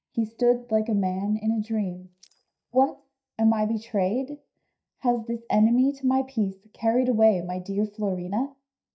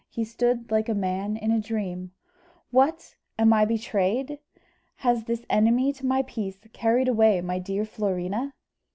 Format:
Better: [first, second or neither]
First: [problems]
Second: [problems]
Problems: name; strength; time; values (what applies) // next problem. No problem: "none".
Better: second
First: noise reduction (neural mask model DeepFilterNet 3)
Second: none